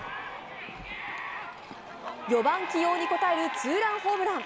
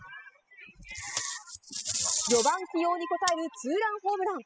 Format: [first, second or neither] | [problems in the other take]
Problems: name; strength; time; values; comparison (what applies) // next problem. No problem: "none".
first | noise reduction (classical method spectral subtraction)